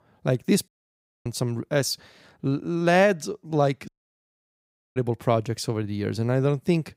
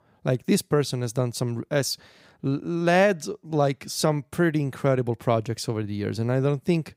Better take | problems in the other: second | audio cutting out; at 0.5 s for 0.5 s and at 4 s for 1 s

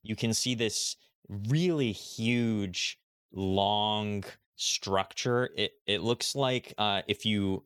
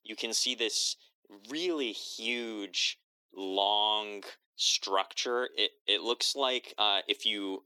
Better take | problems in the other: first | thin; somewhat; fading below 300 Hz

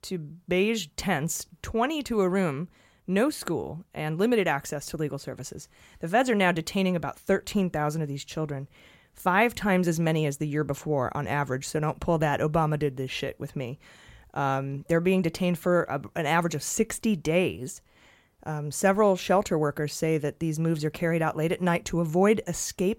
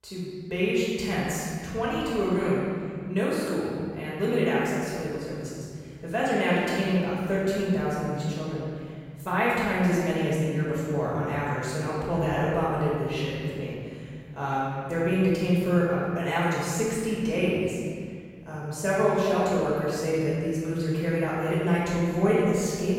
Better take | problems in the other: first | room echo; strong; dies away in 2 s // off-mic speech; far

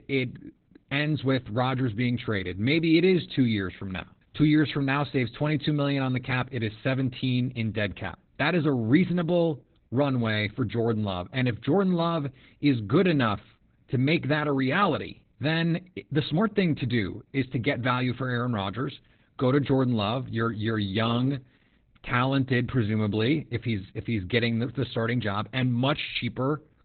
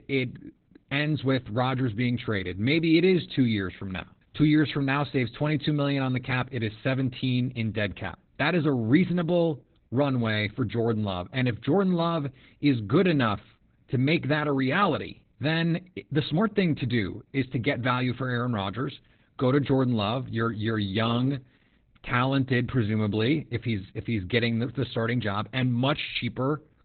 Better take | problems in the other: neither | garbled, watery; badly; nothing above 4 kHz; the same in both

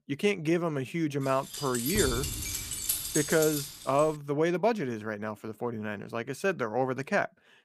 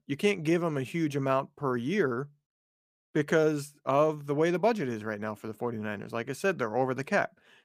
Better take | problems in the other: second | jangling keys; loud; from 1.5 to 4 s; peak 1 dB above the speech

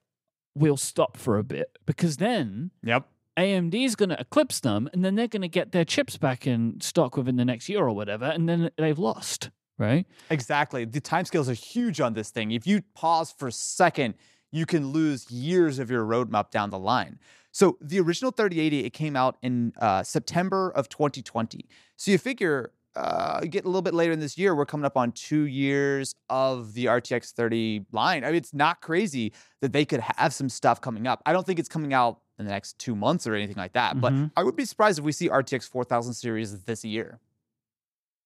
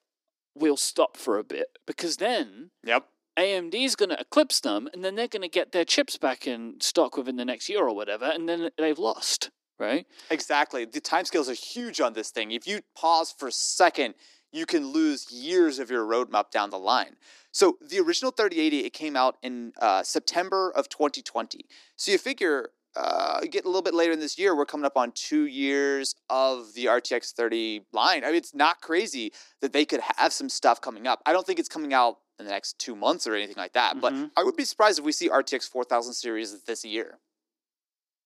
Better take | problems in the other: first | thin; somewhat; fading below 300 Hz

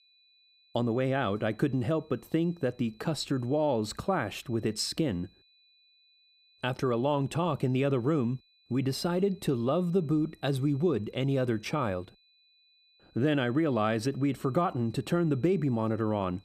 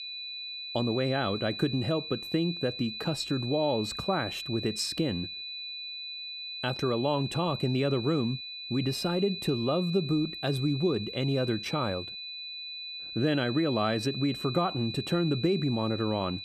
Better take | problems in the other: first | high-pitched whine; loud; throughout; 4 kHz, 7 dB below the speech; faint in the first

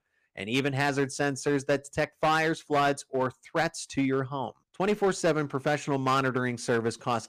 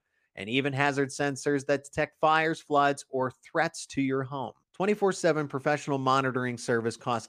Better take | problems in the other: second | distortion; slight; 7% of the sound clipped

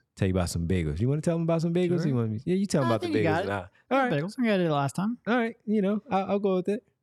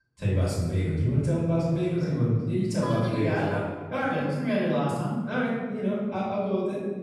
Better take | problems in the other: first | off-mic speech; far // room echo; strong; dies away in 1.4 s

